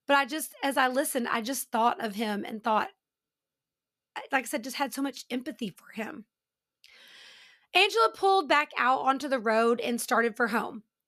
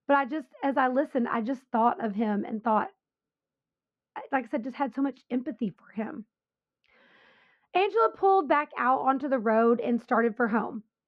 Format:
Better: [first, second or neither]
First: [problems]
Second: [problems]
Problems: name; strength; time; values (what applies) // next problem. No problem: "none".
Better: first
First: none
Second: muffled; very; fading above 1.5 kHz